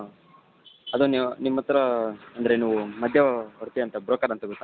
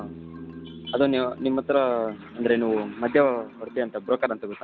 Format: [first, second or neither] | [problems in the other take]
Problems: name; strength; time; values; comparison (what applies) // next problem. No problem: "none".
first | background sound (Marimba, xylophone + Bass guitar); 17 dB below the speech